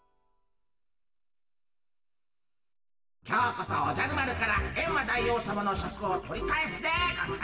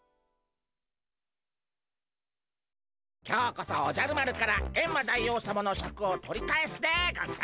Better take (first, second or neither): second